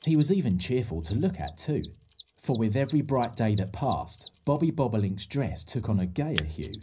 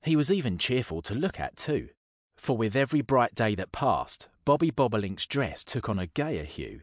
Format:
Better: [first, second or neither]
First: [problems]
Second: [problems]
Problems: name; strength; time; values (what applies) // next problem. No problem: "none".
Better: second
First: background sound (Mechanisms); 20 dB below the speech // room echo; dies away in 0.5 s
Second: none